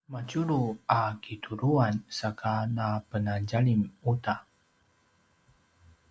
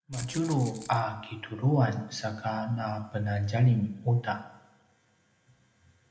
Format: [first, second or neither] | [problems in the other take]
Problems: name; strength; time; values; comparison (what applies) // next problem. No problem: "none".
first | background sound (Rattle (instrument)); 16 dB below the speech // room echo; dies away in 0.7 s